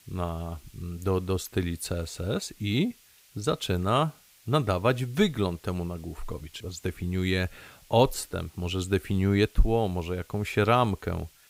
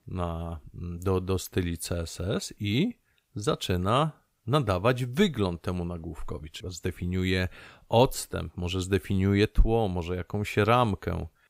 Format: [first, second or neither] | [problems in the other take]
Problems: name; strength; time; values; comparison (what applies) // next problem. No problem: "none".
second | hiss; faint; throughout; 25 dB below the speech